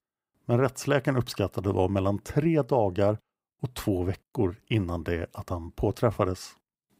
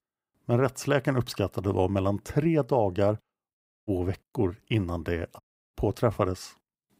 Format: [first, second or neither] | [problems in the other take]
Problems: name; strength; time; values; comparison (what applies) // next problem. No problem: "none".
first | audio cutting out; at 3.5 s and at 5.5 s